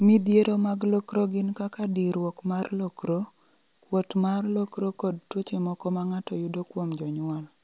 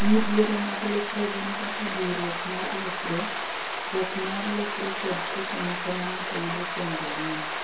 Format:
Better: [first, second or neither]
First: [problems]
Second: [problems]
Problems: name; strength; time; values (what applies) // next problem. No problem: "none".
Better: first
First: none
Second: background sound (Stream); 3 dB below the speech // room echo; dies away in 0.3 s